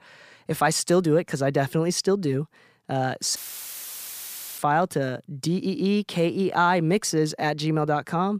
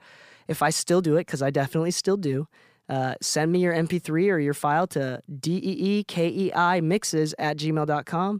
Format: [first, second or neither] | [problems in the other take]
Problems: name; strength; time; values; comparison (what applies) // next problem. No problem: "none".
second | audio cutting out; filled with static; at 3.5 s for 1 s